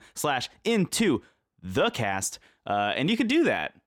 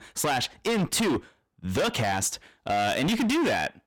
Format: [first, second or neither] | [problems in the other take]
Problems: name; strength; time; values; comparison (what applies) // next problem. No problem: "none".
first | distortion; heavy; 22% of the sound clipped